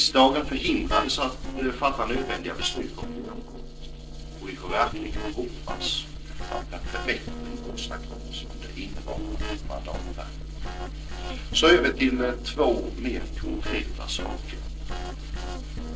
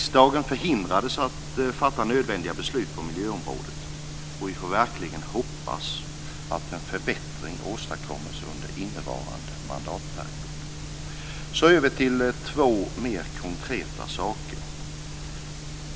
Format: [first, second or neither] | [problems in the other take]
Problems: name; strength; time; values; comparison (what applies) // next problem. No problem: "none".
second | noise reduction (neural separator model SepFormer DNS4)